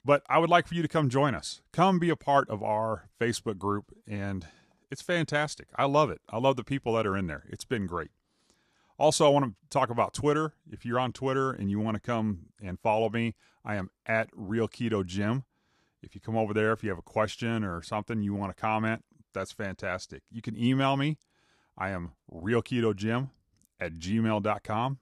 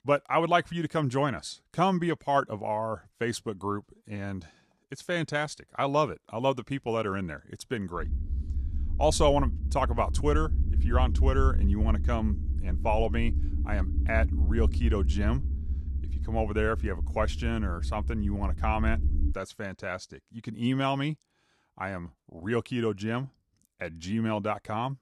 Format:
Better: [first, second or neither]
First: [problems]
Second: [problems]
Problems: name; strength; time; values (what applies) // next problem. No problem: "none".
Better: first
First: none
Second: low rumble; noticeable; from 8 to 19 s; 15 dB below the speech